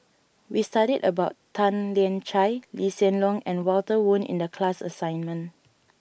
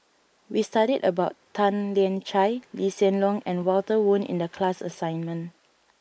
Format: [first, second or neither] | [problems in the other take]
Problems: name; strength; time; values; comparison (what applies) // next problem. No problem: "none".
first | noise reduction (neural mask model Resemble Enhance denoiser)